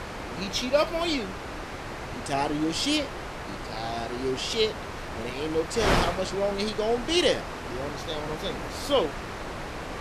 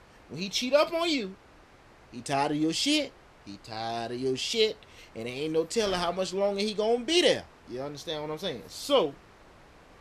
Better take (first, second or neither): second